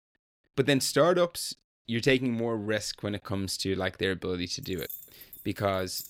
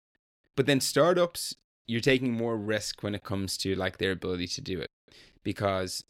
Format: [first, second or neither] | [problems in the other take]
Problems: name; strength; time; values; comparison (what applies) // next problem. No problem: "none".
second | jangling keys; faint; from 4.5 s on; peak 10 dB below the speech